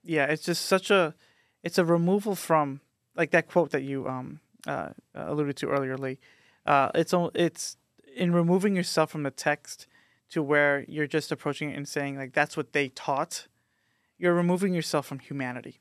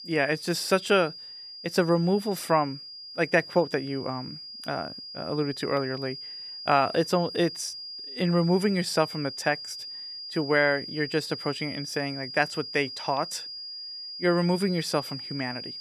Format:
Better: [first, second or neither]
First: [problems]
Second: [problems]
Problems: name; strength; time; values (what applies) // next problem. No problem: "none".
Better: first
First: none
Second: high-pitched whine; loud; throughout; 5 kHz, 10 dB below the speech